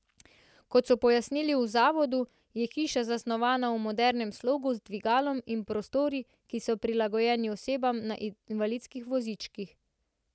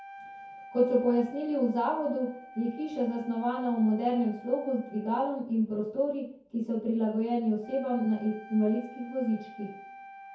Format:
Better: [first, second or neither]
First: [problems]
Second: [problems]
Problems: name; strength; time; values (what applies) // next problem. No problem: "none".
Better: first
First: none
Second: background sound (Wind instrument, woodwind instrument); 19 dB below the speech // room echo; dies away in 0.6 s